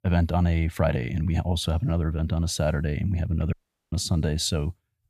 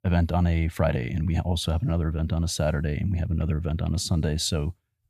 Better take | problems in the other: second | audio cutting out; at 3.5 s

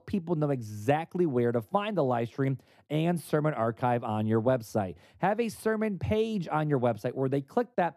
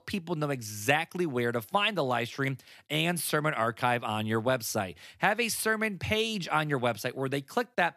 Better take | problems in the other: second | muffled; slightly; fading above 1 kHz

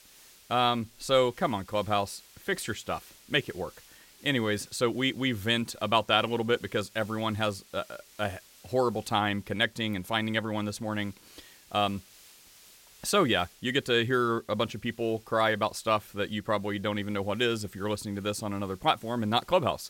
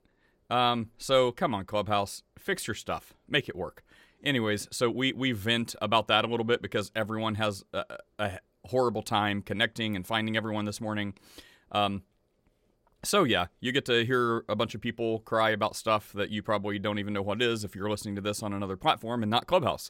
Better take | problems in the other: second | hiss; faint; throughout; 25 dB below the speech

